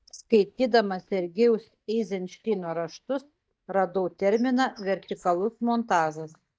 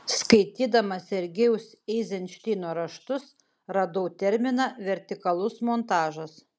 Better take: second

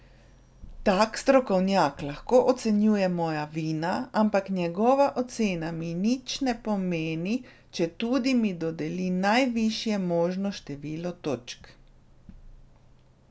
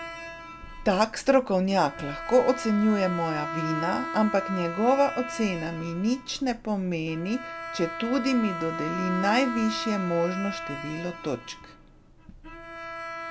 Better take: first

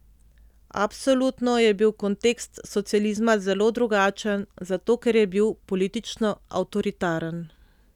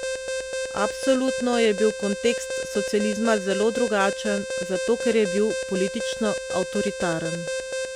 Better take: first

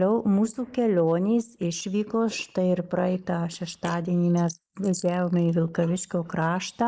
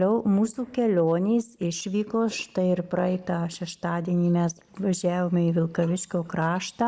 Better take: second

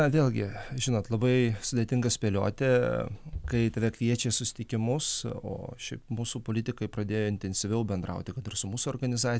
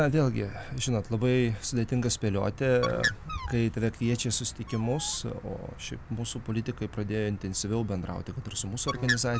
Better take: first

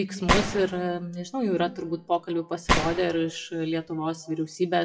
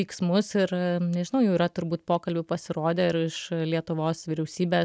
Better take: second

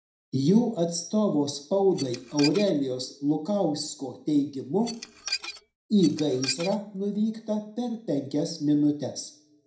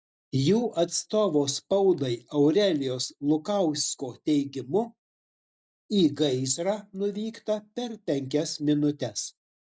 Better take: second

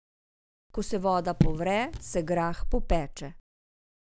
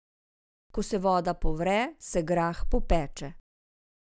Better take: second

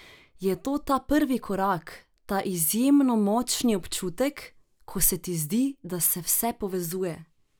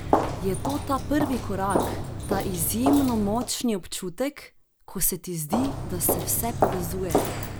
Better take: first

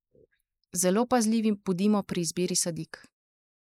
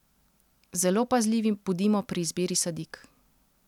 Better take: second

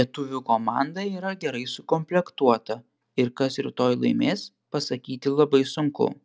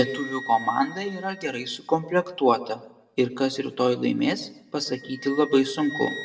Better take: first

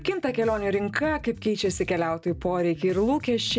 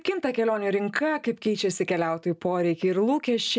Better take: second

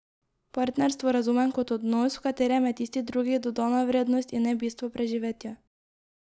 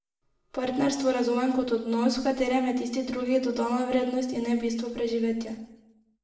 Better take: first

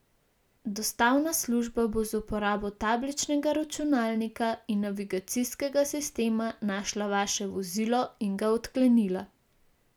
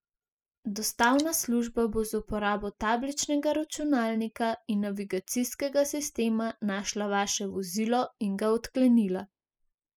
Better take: first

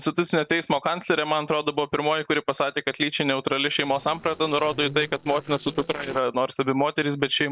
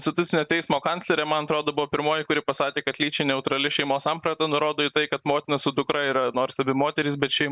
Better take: second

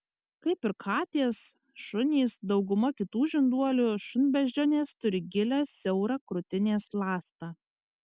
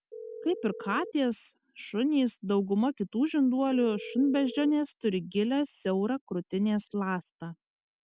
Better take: first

